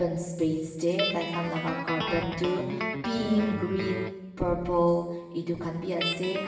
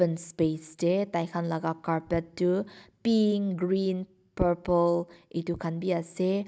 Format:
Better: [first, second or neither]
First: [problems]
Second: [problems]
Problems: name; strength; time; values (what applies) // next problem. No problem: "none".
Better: second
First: background sound (Guitar); 7 dB below the speech // room echo; dies away in 1.1 s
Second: none